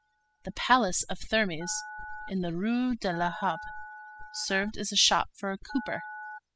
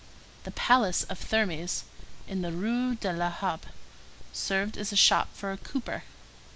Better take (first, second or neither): second